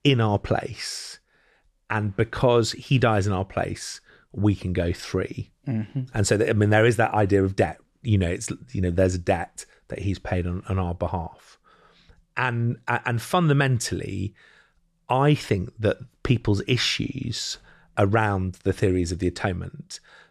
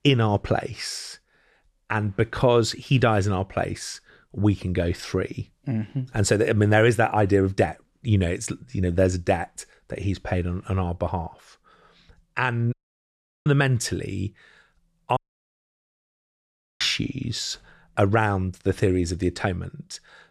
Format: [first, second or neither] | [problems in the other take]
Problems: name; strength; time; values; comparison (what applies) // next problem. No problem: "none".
first | audio cutting out; at 13 s for 0.5 s and at 15 s for 1.5 s